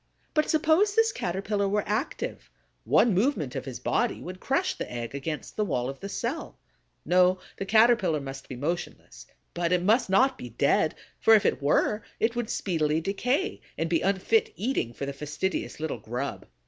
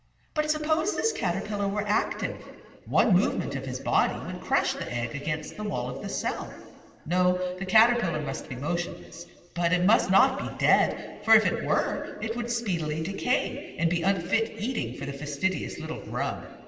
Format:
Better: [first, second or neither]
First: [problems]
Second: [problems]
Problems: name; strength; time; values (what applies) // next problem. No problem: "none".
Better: first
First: none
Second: room echo; dies away in 2 s